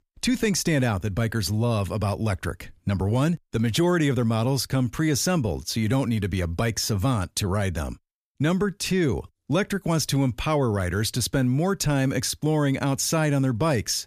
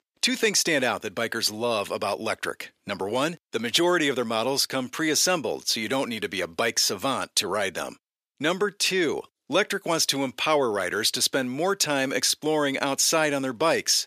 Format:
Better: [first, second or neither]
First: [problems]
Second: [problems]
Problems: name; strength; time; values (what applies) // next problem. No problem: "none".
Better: first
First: none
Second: thin; somewhat; fading below 400 Hz